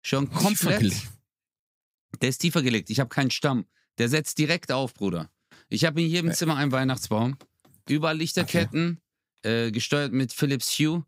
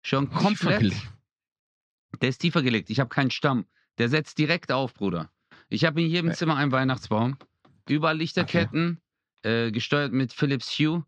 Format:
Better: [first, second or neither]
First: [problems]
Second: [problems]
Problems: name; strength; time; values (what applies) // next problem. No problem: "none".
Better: first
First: none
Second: muffled; very slightly; fading above 4.5 kHz